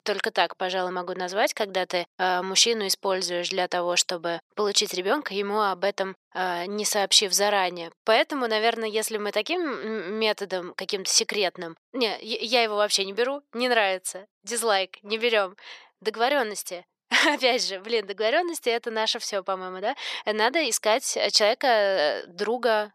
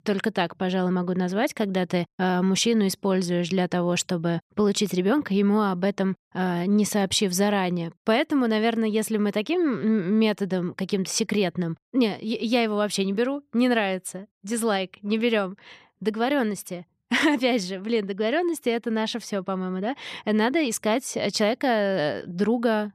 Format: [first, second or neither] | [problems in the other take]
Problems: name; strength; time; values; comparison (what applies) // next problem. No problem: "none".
second | thin; very; fading below 600 Hz